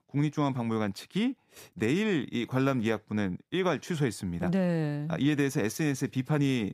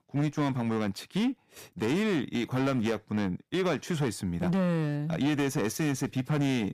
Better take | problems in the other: first | distortion; slight; 11% of the sound clipped

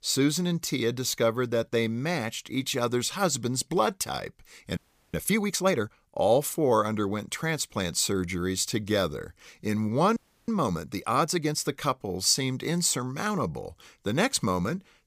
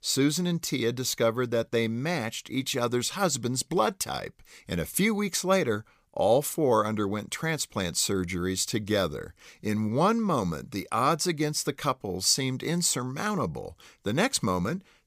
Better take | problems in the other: second | audio freezing; at 5 s and at 10 s

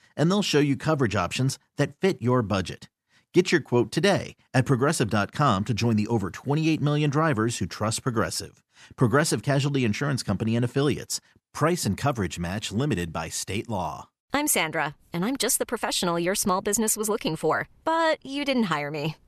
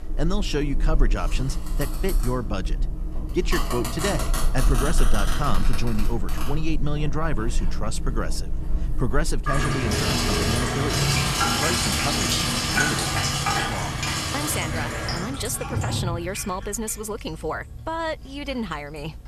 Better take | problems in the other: first | household noises; very loud; throughout; 4 dB above the speech

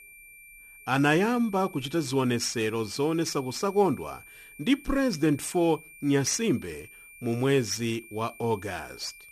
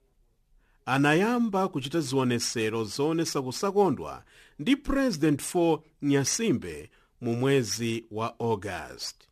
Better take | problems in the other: second | high-pitched whine; noticeable; throughout; 2.5 kHz, 20 dB below the speech

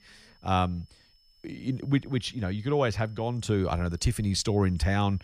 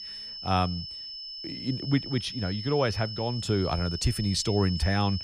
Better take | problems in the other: first | high-pitched whine; loud; throughout; 5.5 kHz, 8 dB below the speech; faint in the first

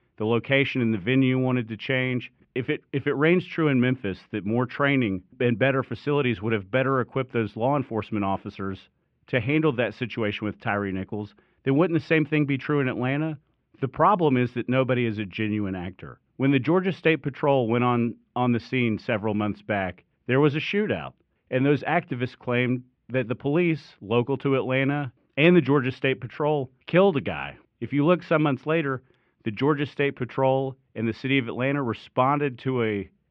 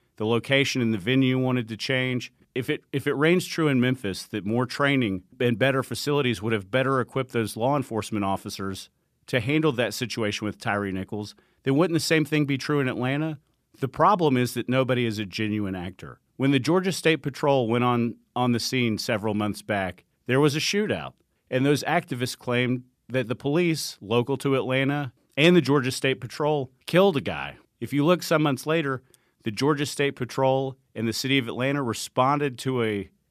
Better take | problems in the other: second | muffled; very; fading above 2.5 kHz

